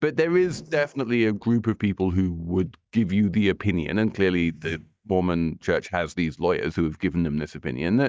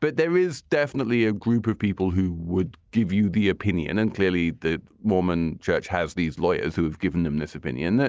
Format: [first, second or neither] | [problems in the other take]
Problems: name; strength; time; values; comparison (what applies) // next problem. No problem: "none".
second | noise reduction (neural mask model DeepFilterNet 3)